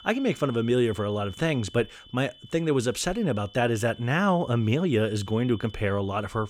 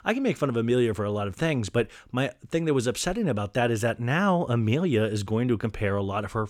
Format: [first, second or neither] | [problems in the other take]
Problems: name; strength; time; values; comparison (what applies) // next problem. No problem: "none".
second | high-pitched whine; faint; throughout; 3 kHz, 20 dB below the speech